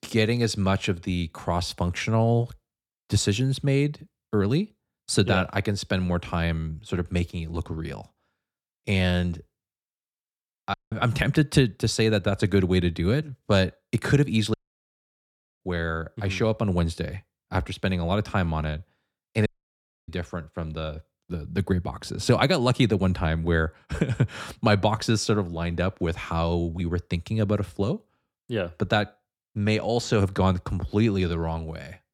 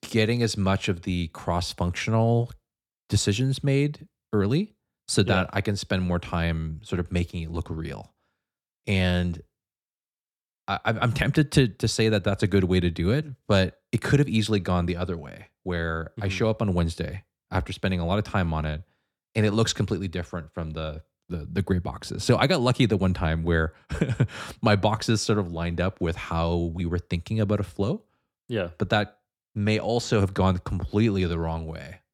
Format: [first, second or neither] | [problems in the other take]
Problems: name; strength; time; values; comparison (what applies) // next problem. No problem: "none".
second | audio cutting out; at 11 s, at 15 s for 1 s and at 19 s for 0.5 s